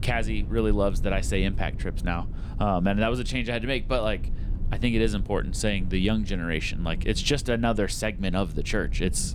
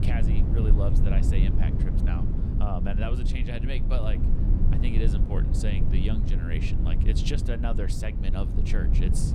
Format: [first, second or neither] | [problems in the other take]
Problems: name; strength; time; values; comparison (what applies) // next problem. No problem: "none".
first | low rumble; loud; throughout; 2 dB below the speech; faint in the first